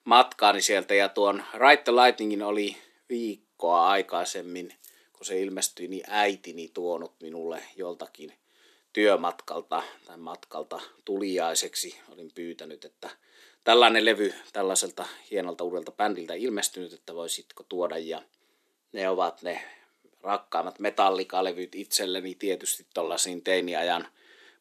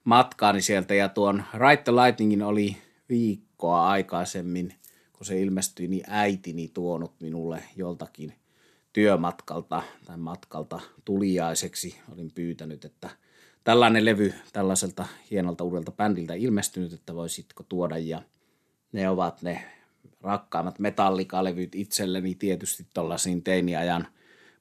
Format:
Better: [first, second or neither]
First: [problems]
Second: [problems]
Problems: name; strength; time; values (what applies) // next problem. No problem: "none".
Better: second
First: thin; somewhat; fading below 300 Hz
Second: none